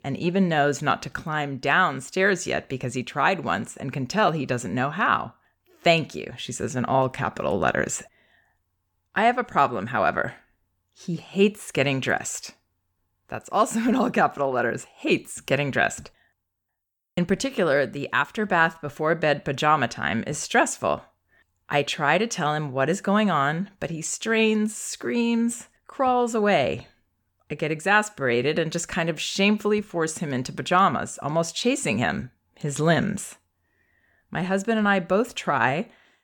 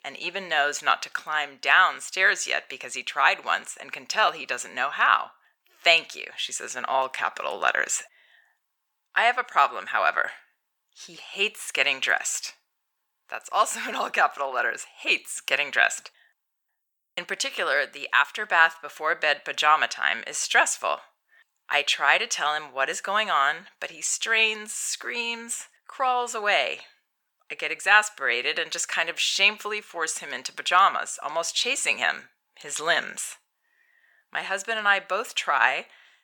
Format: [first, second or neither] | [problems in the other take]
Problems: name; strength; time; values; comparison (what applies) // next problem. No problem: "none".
first | thin; very; fading below 900 Hz